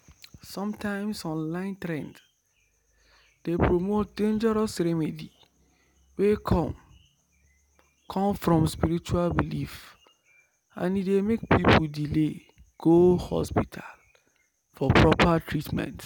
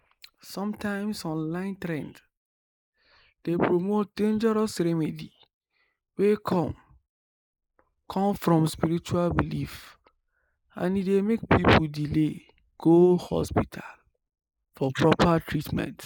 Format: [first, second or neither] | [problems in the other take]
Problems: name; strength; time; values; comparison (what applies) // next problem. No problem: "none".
first | noise reduction (neural mask model Resemble Enhance denoiser)